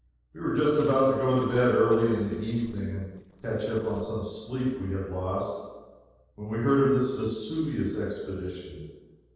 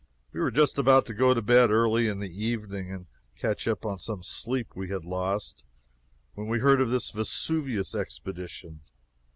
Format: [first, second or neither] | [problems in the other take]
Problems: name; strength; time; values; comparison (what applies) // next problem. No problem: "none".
second | noise reduction (neural separator model SepFormer DNS4)